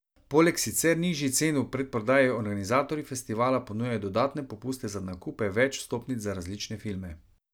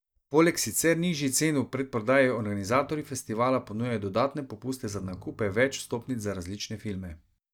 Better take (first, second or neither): first